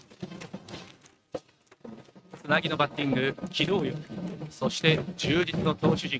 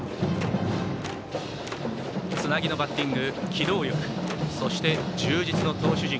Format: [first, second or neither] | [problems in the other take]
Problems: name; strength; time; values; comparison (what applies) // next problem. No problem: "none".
second | noise reduction (neural mask model RNNoise)